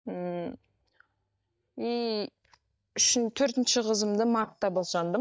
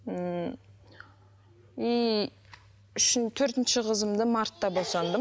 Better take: second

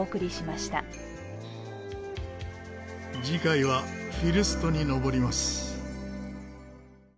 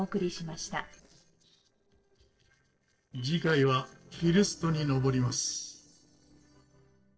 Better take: first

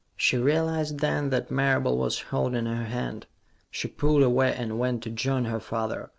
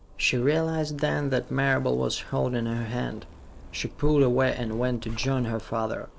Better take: first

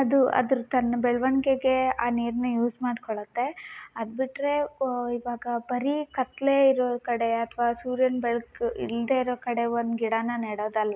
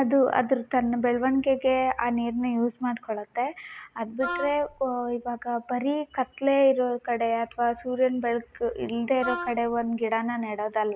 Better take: first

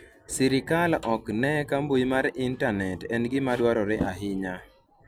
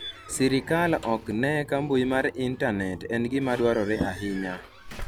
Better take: first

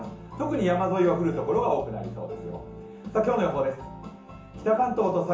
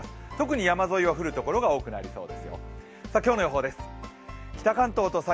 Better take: second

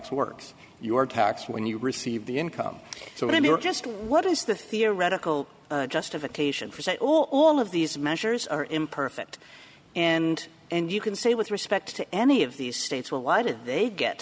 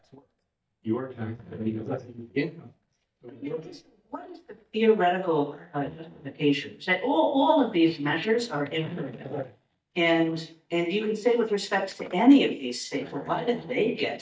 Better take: first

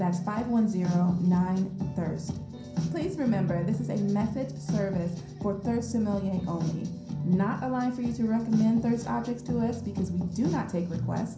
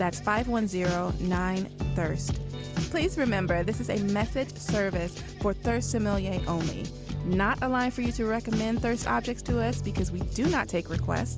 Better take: second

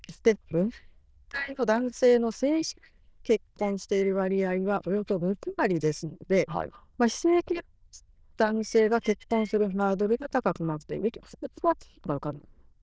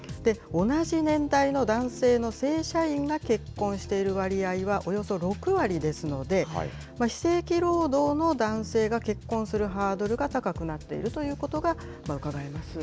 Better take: second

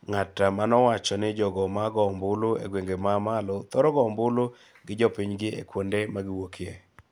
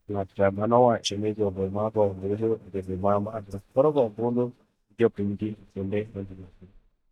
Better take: first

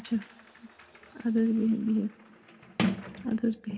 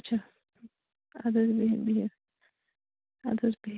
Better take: second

